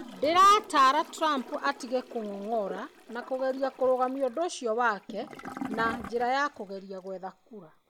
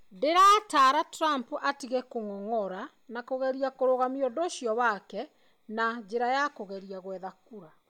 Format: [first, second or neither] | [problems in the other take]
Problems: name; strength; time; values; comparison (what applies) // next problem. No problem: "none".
second | background sound (Toilet flush / Gurgling); 16 dB below the speech